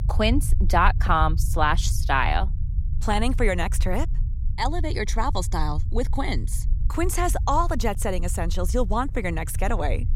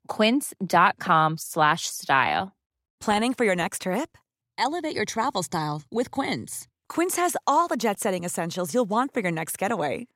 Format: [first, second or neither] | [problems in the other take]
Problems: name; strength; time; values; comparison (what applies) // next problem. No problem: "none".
second | low rumble; faint; throughout; 20 dB below the speech